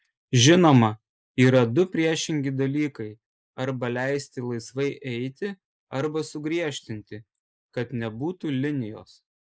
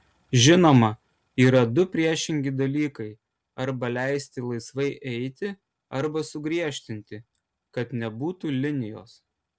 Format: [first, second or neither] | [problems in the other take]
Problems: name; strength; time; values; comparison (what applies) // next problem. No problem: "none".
second | noise reduction (neural mask model Resemble Enhance denoiser)